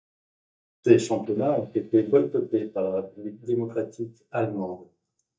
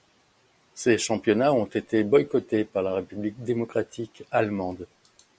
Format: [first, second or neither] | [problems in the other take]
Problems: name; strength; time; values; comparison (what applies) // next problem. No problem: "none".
second | noise reduction (neural mask model DeepFilterNet 3)